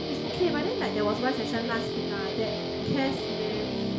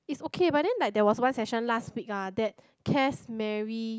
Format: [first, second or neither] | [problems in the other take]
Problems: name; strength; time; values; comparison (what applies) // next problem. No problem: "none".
second | background sound (Guitar); as loud as the speech // room echo; dies away in 1.7 s